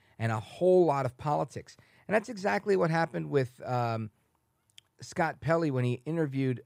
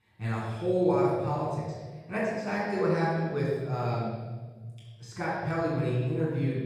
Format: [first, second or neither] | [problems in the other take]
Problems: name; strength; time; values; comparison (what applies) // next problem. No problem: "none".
first | off-mic speech; far // room echo; strong; dies away in 1.5 s